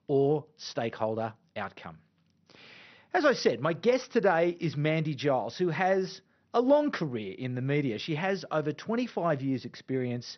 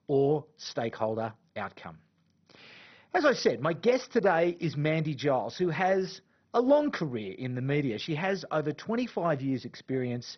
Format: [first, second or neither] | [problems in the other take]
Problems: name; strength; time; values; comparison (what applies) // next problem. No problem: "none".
first | garbled, watery; badly; nothing above 6 kHz; slightly in the first